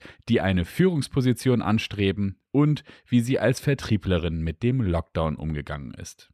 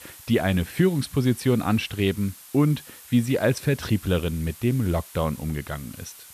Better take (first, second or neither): first